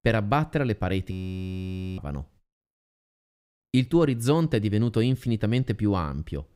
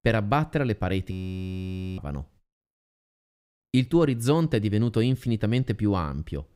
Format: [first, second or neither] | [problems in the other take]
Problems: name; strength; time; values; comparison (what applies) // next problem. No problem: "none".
neither | audio freezing; at 1 s for 1 s; the same in both